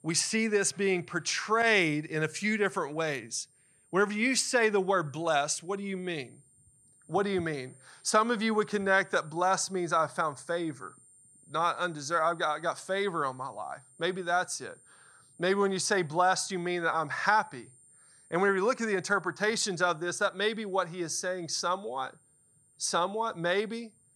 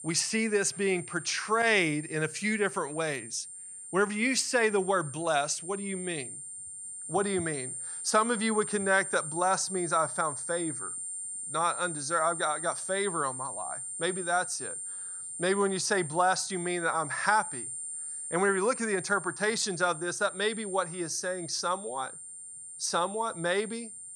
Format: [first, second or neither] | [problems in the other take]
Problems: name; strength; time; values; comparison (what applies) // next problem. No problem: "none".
first | high-pitched whine; loud; throughout; 9 kHz, 8 dB below the speech; faint in the first